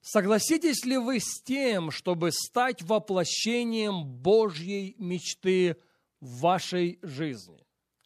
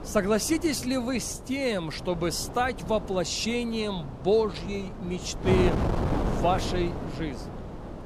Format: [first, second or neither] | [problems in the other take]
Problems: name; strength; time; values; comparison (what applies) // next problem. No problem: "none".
first | wind noise on the microphone; heavy; 8 dB below the speech